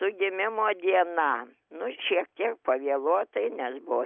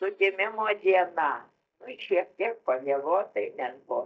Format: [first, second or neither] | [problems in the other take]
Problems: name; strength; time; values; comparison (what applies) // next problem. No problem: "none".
first | noise reduction (neural mask model DeepFilterNet 3)